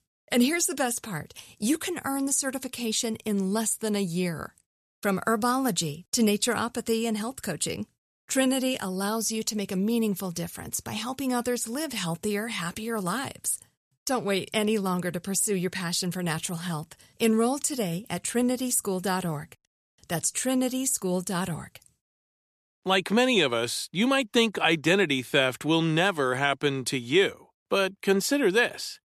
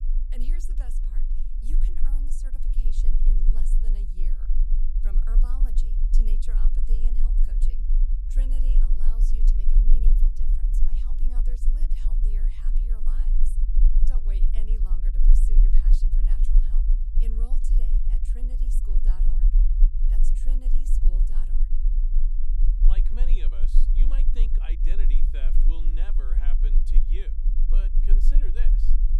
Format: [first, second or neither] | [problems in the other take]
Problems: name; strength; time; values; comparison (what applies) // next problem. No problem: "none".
first | low rumble; loud; throughout; 1 dB below the speech